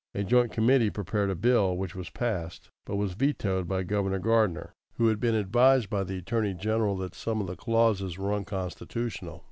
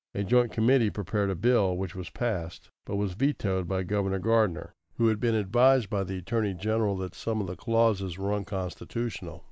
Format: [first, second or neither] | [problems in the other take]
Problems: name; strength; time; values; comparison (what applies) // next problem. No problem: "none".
first | noise reduction (neural mask model Resemble Enhance denoiser)